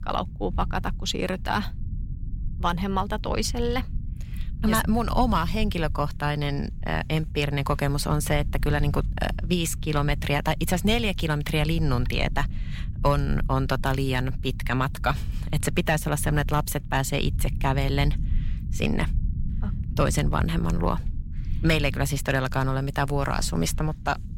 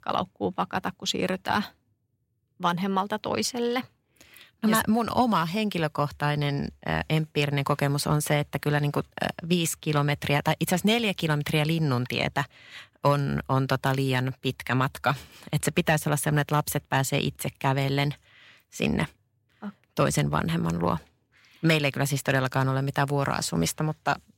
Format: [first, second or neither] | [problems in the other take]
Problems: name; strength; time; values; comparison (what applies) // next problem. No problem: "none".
second | low rumble; noticeable; throughout; 20 dB below the speech